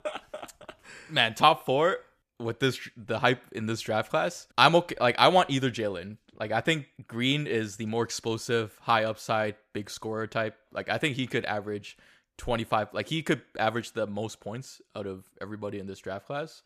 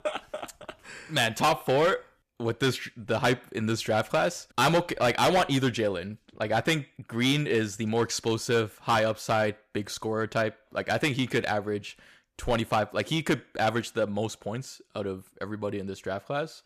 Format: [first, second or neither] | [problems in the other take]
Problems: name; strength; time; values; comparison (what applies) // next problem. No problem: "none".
first | distortion; heavy; 5% of the sound clipped